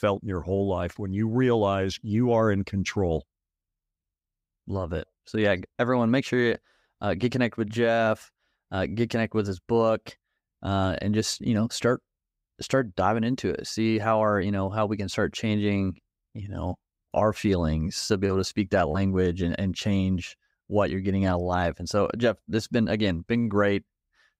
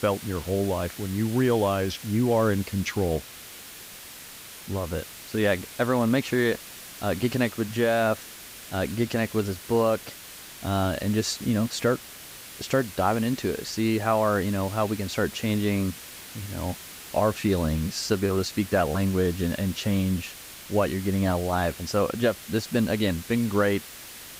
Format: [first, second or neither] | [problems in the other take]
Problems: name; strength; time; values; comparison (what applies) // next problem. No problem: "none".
first | hiss; noticeable; throughout; 15 dB below the speech